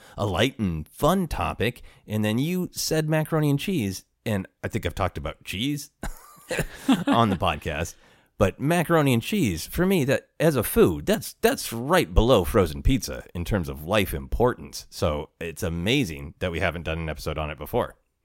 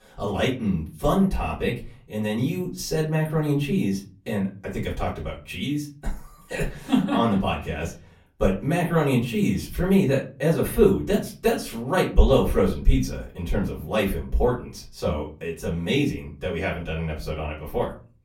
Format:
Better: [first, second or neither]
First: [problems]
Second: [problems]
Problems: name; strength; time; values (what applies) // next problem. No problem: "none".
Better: first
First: none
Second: off-mic speech; far // room echo; very slight; dies away in 0.3 s